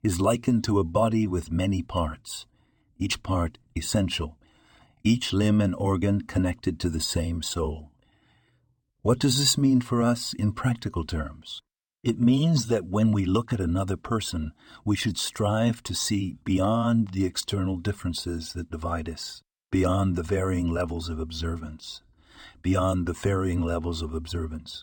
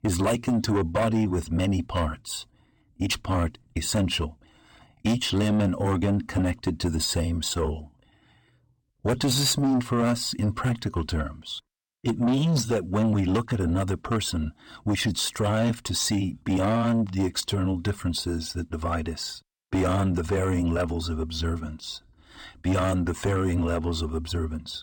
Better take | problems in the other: first | distortion; slight; 10 dB below the speech

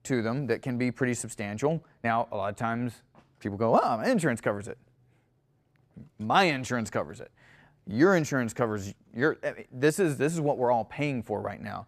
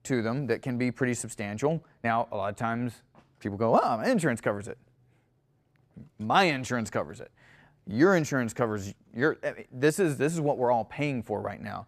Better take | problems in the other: neither | none

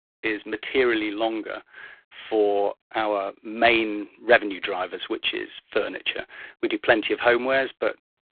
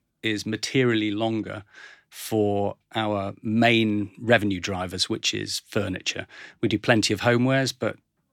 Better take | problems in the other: second | phone-call audio; poor line

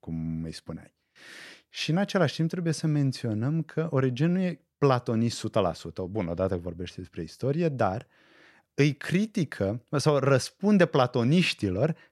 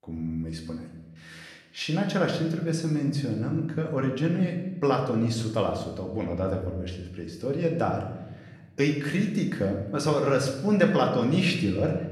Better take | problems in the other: first | room echo; slight; dies away in 0.9 s // off-mic speech; somewhat distant

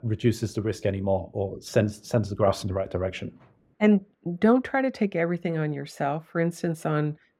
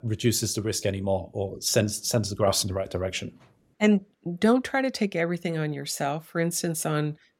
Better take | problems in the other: second | muffled; slightly; fading above 3.5 kHz

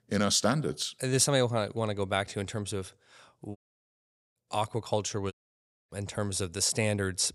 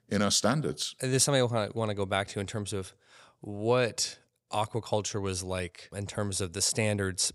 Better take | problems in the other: second | audio cutting out; at 3.5 s for 1 s and at 5.5 s for 0.5 s

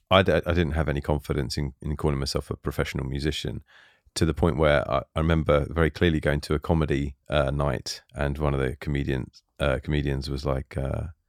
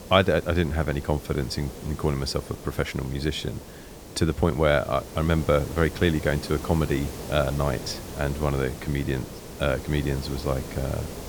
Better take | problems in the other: first | hiss; noticeable; throughout; 10 dB below the speech

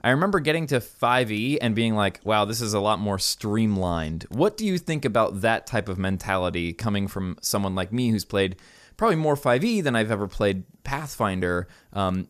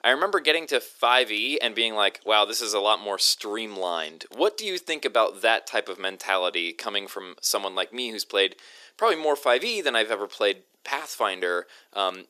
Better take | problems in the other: first | thin; very; fading below 350 Hz

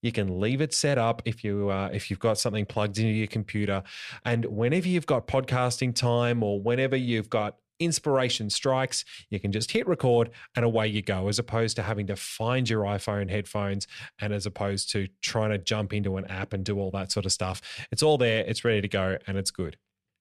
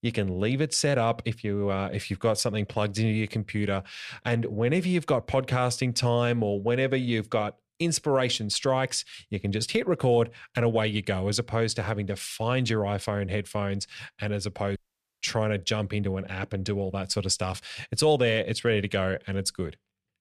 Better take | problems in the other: first | audio cutting out; at 15 s

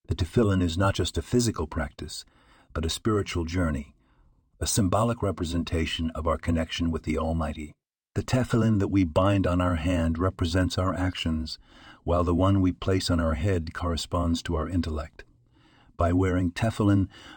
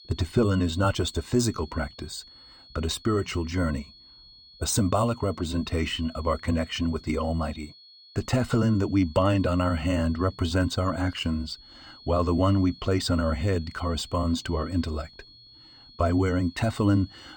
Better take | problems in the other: first | high-pitched whine; faint; throughout; 4.5 kHz, 20 dB below the speech

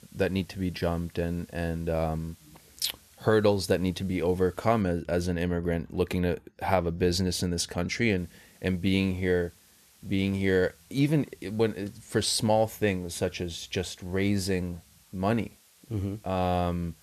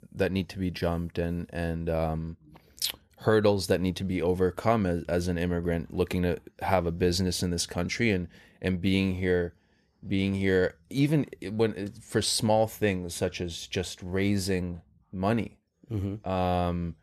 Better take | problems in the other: second | hiss; faint; until 5 s and from 8 s on; 30 dB below the speech

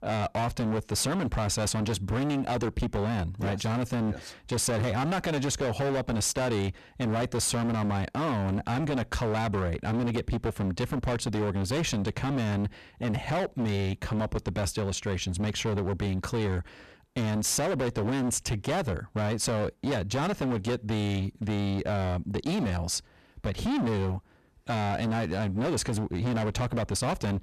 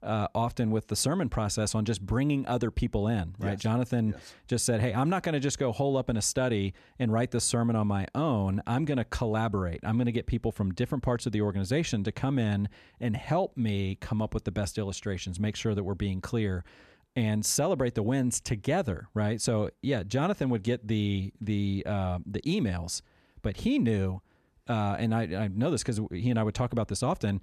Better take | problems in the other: second | distortion; heavy; 31% of the sound clipped

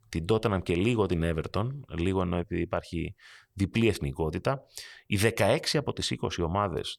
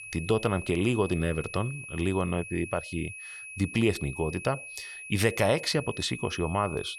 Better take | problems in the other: first | high-pitched whine; noticeable; throughout; 2.5 kHz, 10 dB below the speech

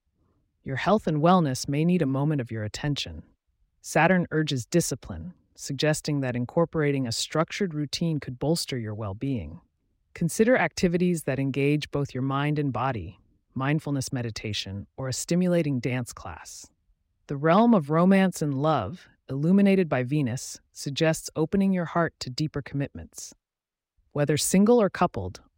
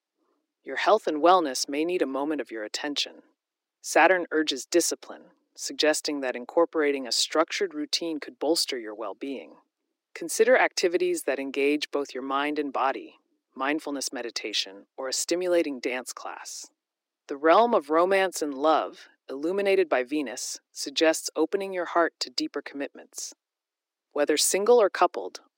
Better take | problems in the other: first | thin; somewhat; fading below 300 Hz

